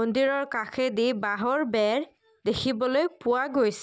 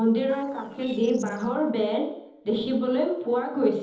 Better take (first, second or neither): first